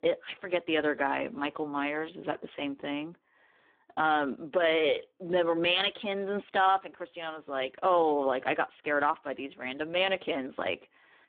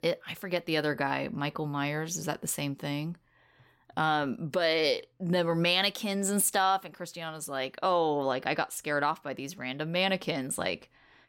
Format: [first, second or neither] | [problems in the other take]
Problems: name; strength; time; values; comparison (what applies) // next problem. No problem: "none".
second | phone-call audio; poor line; nothing above 3.5 kHz